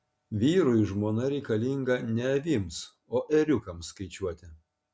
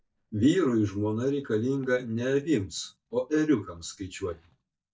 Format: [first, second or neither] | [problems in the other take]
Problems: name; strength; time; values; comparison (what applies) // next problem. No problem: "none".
first | noise reduction (neural mask model DeepFilterNet 3)